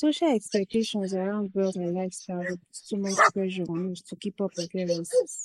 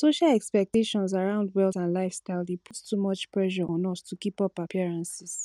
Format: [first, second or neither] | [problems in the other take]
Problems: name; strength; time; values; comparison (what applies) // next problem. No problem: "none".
second | noise reduction (neural mask model Resemble Enhance denoiser)